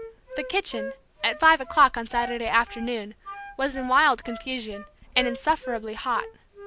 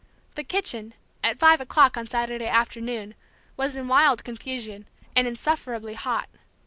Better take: second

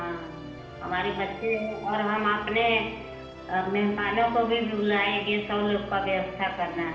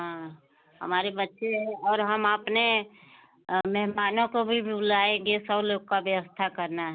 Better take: second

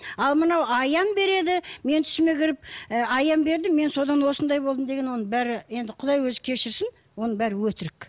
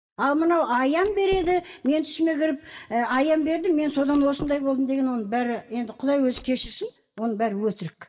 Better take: first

